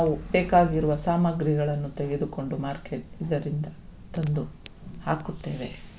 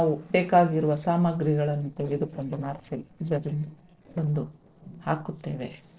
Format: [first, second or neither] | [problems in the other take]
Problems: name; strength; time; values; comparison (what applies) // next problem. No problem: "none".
first | noise reduction (neural separator model SepFormer DNS4)